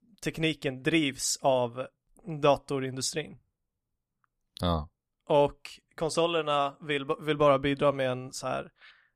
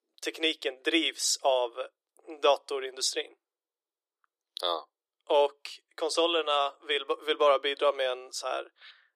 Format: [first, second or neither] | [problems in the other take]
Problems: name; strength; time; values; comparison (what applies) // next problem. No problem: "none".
first | thin; very; fading below 350 Hz